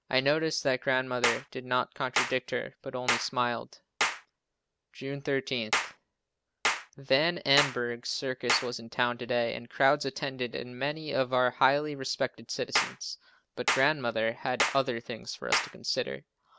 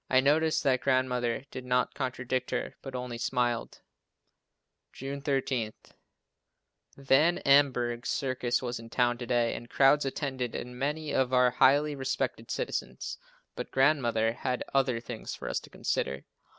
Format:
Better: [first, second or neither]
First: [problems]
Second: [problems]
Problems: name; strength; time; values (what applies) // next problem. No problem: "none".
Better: second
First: background sound (Clapping); 4 dB below the speech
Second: none